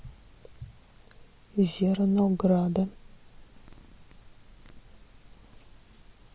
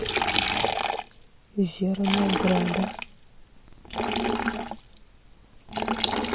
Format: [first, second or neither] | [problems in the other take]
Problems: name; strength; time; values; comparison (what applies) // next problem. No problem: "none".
first | background sound (Liquid); 1 dB above the speech